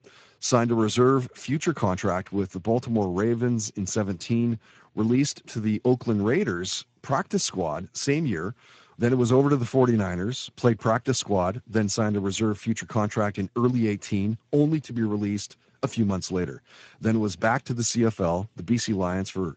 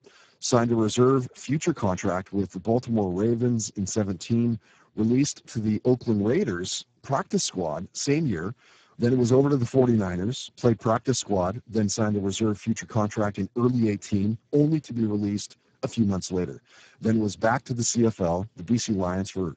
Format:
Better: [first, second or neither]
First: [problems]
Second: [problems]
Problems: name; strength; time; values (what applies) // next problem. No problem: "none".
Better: first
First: garbled, watery; slightly; nothing above 7.5 kHz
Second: garbled, watery; badly; nothing above 7.5 kHz